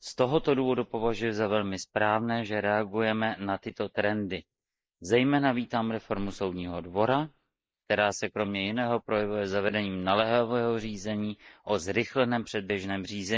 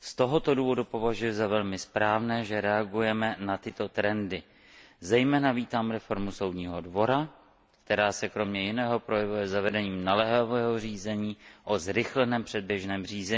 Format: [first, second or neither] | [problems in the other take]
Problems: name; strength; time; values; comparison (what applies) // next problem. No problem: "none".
second | noise reduction (neural mask model Resemble Enhance denoiser)